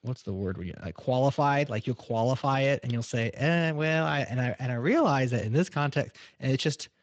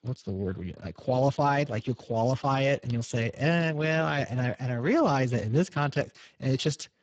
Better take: first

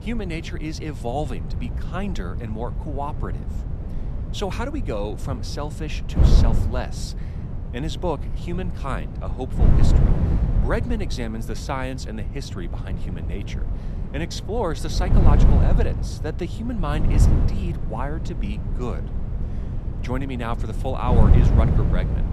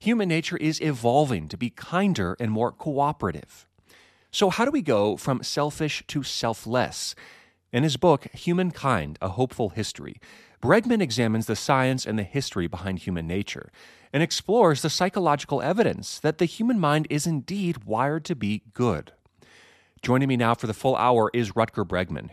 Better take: second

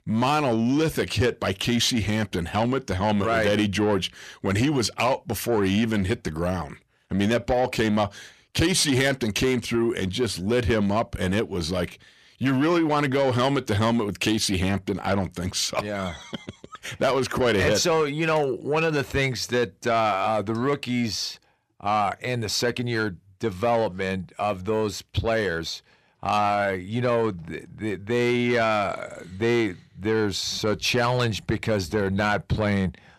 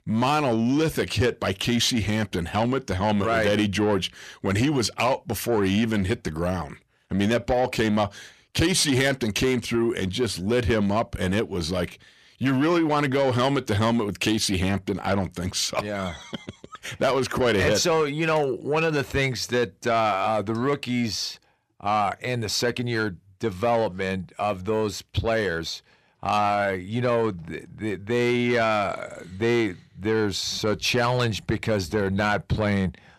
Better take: neither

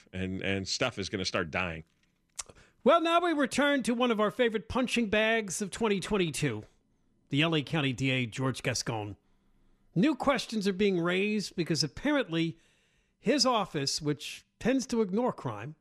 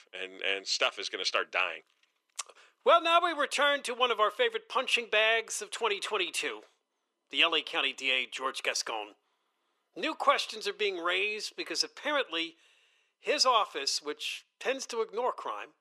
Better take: first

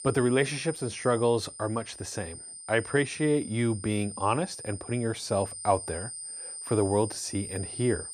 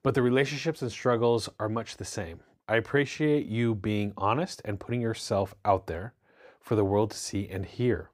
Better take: second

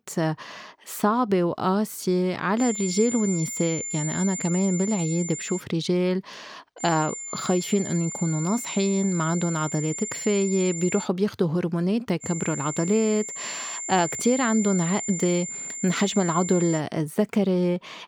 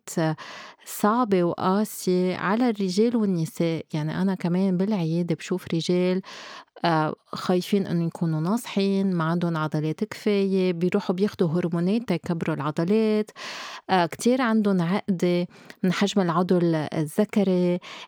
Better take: second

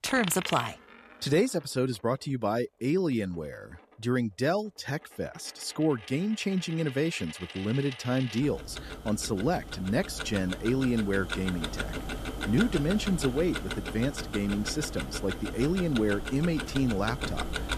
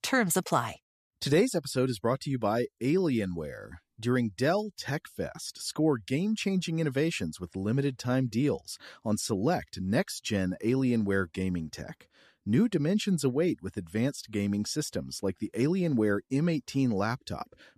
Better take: second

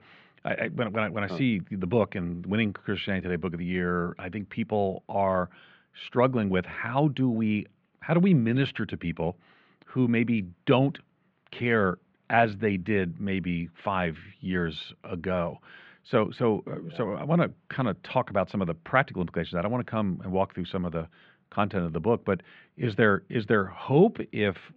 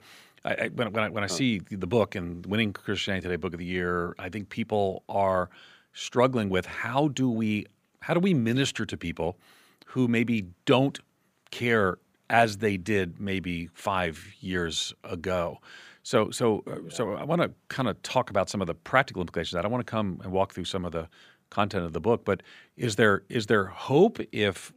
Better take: second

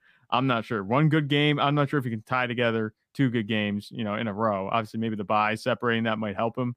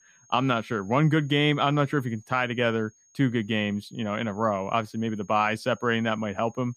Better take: first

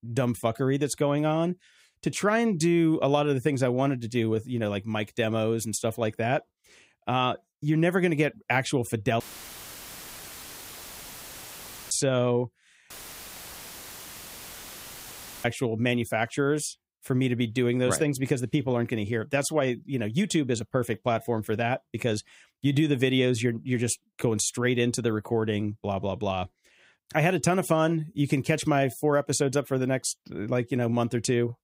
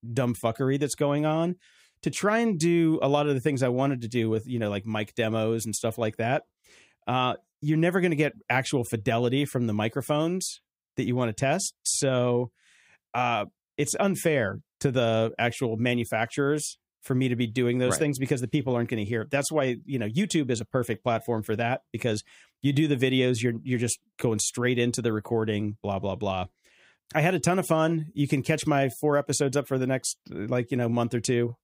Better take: second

